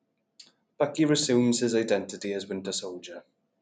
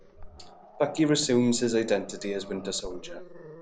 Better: first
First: none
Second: background sound (Growling); 15 dB below the speech

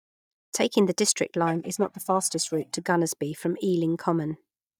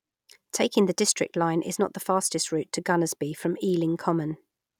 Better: second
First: noise reduction (neural mask model DeepFilterNet 3)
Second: none

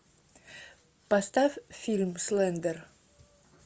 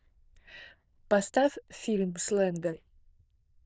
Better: first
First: none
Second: noise reduction (neural diffusion model UNIVERSE++)

